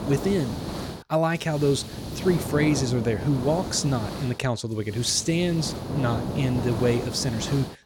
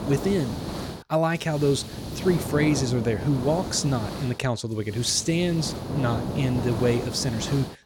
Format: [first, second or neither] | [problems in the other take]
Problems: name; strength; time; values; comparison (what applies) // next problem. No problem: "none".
neither | hiss; loud; throughout; 7 dB below the speech; the same in both